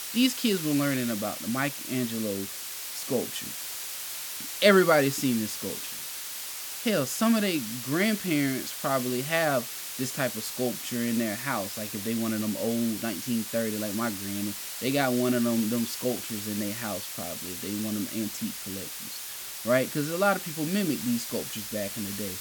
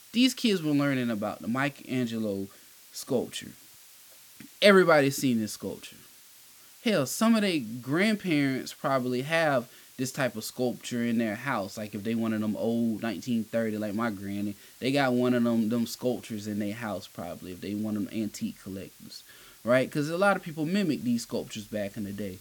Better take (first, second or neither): second